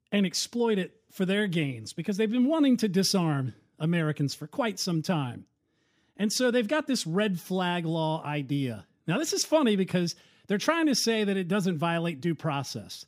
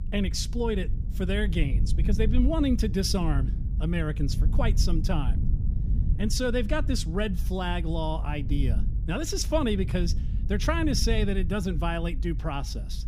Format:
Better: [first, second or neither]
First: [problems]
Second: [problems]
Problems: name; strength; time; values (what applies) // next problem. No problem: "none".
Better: first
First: none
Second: low rumble; noticeable; throughout; 15 dB below the speech